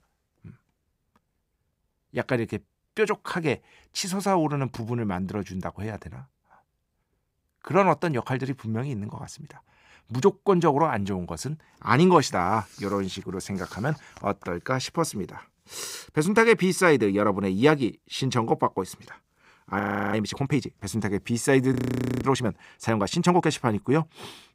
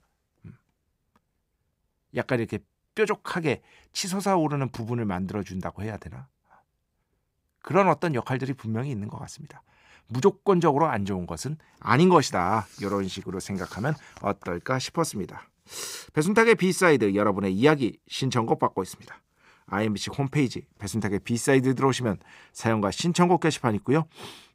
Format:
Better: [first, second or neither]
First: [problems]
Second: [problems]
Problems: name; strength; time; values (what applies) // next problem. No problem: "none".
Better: second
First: audio freezing; at 20 s and at 22 s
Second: none